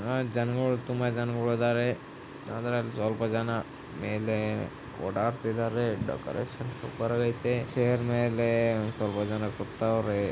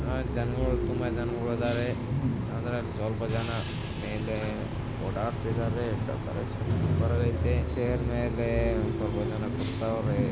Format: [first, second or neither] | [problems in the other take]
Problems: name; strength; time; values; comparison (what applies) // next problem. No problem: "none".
first | background sound (Bus / Engine); 2 dB above the speech